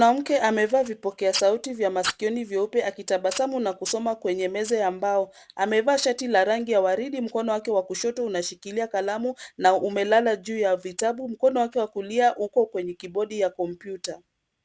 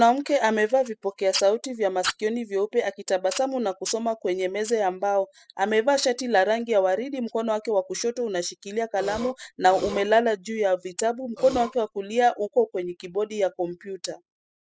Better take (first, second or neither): first